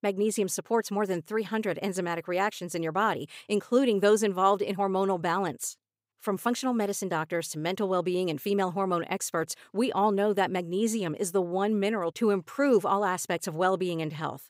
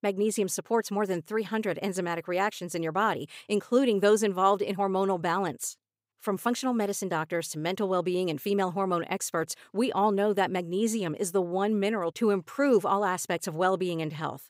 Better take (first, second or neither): neither